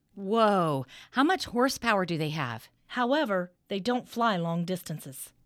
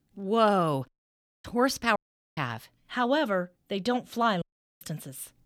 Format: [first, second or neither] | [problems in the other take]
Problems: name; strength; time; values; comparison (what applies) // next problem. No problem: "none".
first | audio cutting out; at 1 s for 0.5 s, at 2 s and at 4.5 s